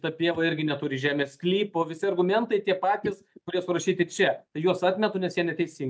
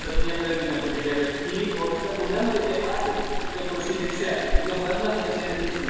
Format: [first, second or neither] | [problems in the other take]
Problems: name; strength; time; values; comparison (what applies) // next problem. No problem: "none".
first | background sound (Chatter / Stream); 1 dB below the speech // room echo; dies away in 1.9 s